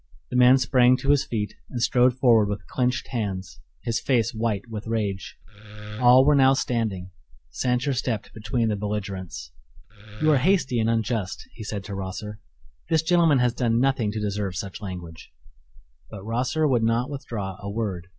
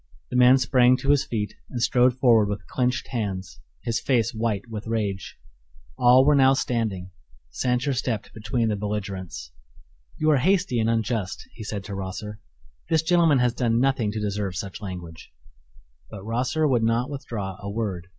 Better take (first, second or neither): second